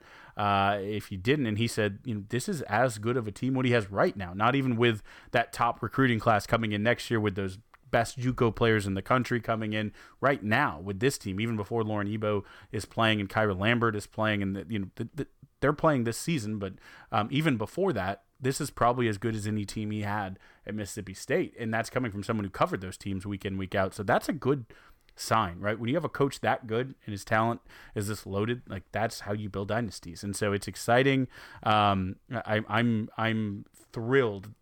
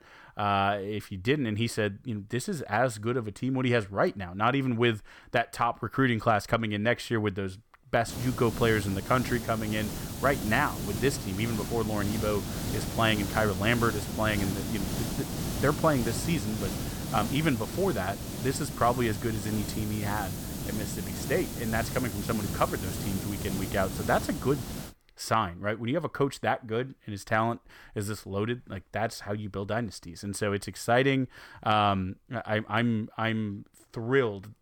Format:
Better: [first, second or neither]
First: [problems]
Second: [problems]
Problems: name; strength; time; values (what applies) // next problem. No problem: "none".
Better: first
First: none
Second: hiss; loud; from 8 to 25 s; 5 dB below the speech